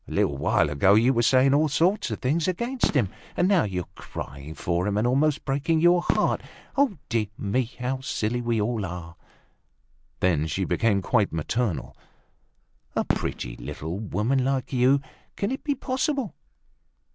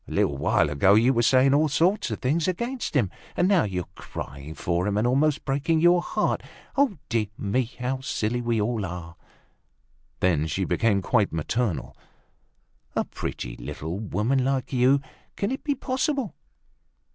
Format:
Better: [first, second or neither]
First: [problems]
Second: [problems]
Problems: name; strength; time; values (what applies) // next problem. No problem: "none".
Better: second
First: background sound (Fireworks); 11 dB below the speech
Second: none